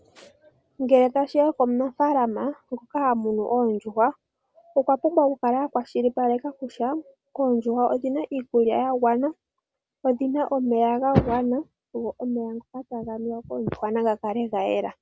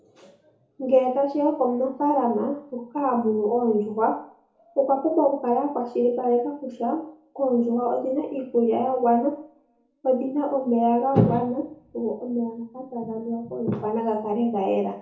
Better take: first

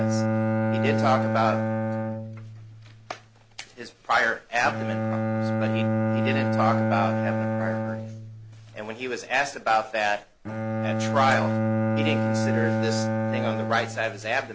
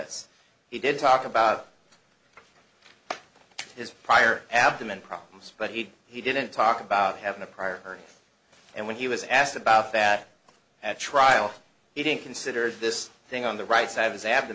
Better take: second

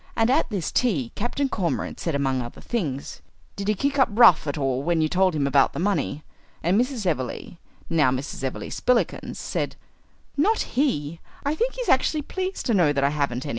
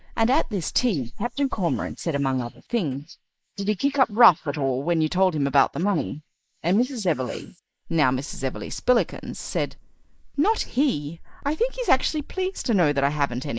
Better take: first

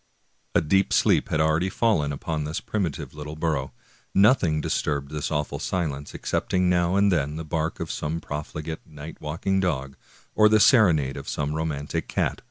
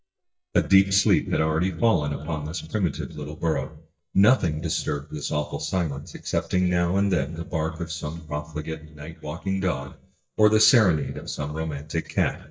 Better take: first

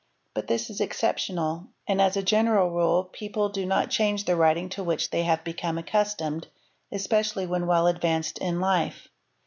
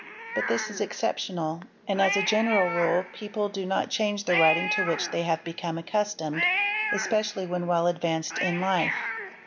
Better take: first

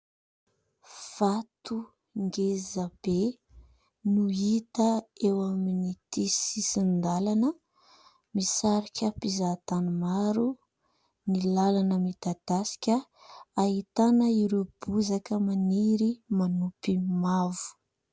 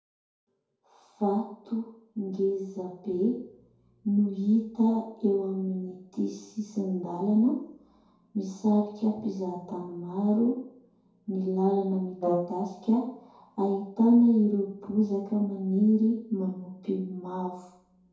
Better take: first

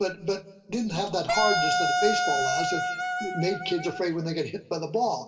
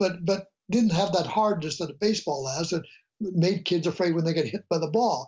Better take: second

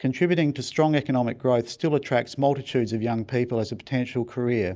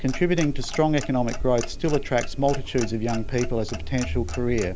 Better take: first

